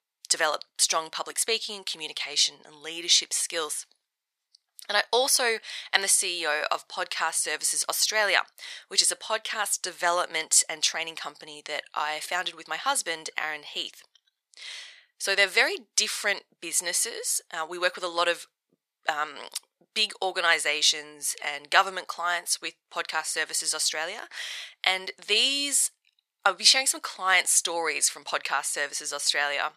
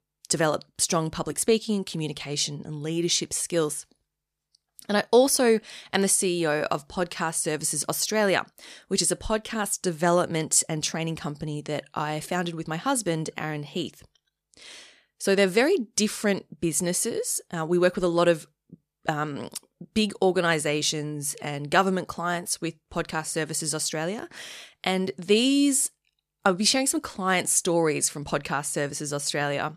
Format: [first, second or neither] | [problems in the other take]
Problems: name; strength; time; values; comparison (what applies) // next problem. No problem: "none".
second | thin; very; fading below 850 Hz